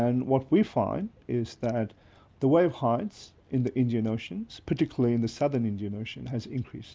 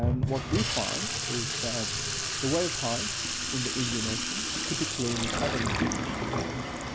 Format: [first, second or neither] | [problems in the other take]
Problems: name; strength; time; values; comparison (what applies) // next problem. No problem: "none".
first | background sound (Sink (filling or washing) / Water tap, faucet); 3 dB above the speech